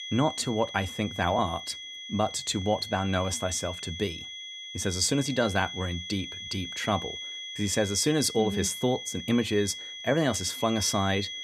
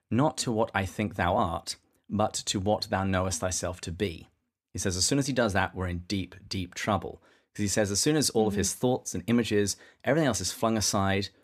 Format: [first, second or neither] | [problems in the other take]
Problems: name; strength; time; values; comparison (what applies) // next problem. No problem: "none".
second | high-pitched whine; loud; throughout; 3.5 kHz, 8 dB below the speech